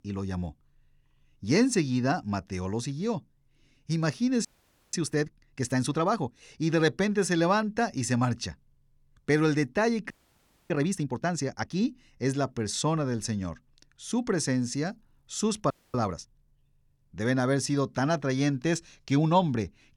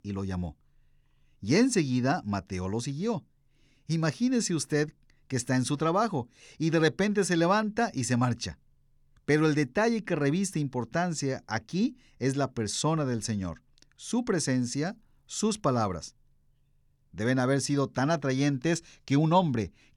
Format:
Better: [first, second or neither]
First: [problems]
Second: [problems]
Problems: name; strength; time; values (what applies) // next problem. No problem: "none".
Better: second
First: audio freezing; at 4.5 s, at 10 s for 0.5 s and at 16 s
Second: none